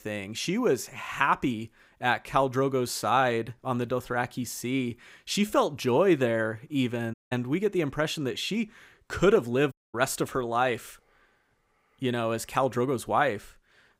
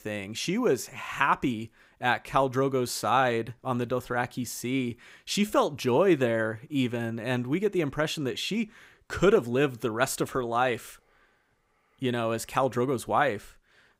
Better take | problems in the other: second | audio cutting out; at 7 s and at 9.5 s

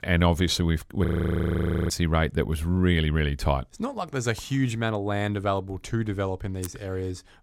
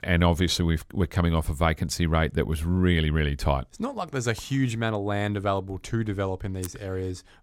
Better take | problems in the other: second | audio freezing; at 1 s for 1 s

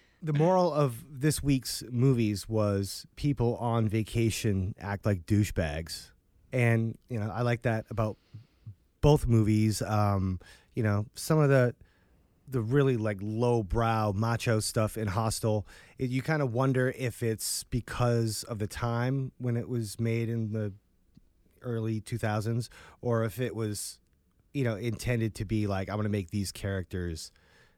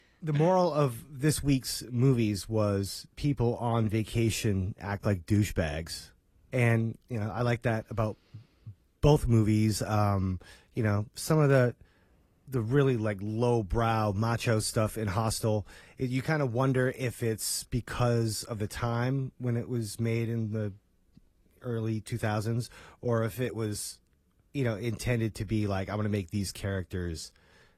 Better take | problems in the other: first | garbled, watery; slightly; nothing above 13.5 kHz

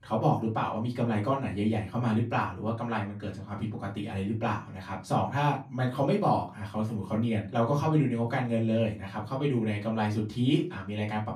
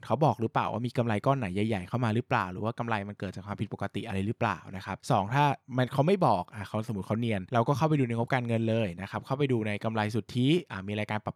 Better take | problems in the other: second | off-mic speech; far // room echo; very slight; dies away in 0.2 s

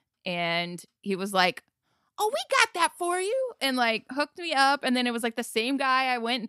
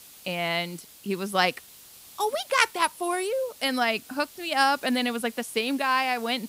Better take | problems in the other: first | hiss; noticeable; throughout; 20 dB below the speech

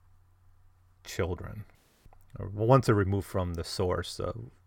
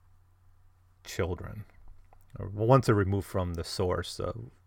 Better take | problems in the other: second | audio cutting out; at 2 s

